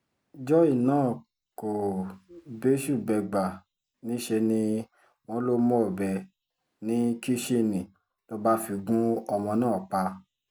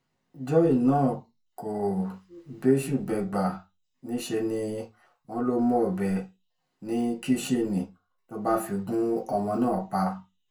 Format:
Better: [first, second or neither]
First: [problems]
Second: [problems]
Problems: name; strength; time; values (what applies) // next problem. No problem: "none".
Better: first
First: none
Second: room echo; dies away in 0.2 s